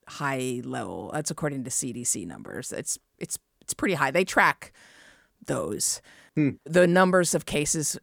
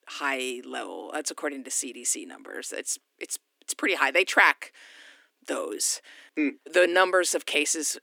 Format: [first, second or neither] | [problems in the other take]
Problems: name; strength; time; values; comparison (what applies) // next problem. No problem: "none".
first | thin; somewhat; fading below 300 Hz